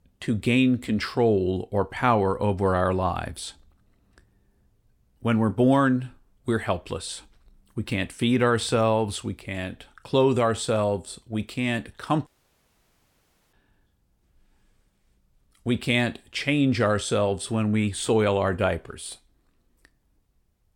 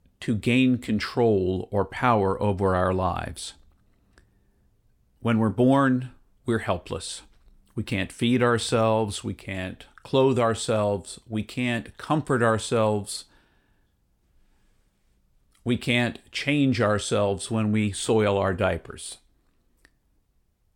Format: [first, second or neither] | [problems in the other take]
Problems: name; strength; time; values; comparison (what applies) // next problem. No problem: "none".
second | audio cutting out; at 12 s for 1.5 s